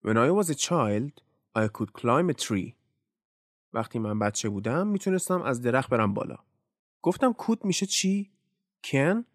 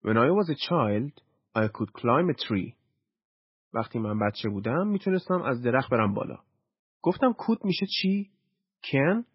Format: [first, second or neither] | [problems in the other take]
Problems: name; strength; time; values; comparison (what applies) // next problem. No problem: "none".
first | garbled, watery; badly; nothing above 5.5 kHz